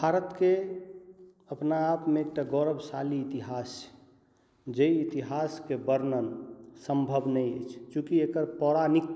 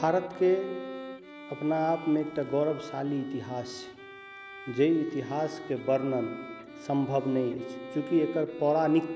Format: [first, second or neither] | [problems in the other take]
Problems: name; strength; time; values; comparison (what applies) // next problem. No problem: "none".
first | background sound (Bowed string instrument); 14 dB below the speech